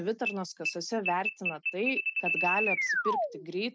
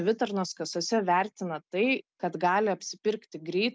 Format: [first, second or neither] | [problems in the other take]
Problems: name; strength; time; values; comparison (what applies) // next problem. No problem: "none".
second | noise reduction (neural mask model RNNoise)